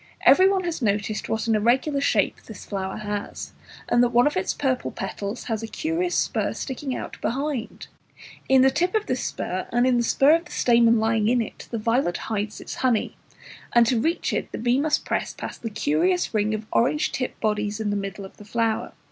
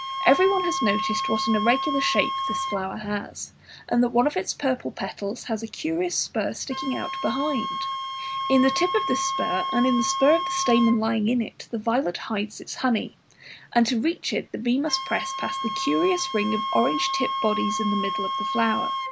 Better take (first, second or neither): first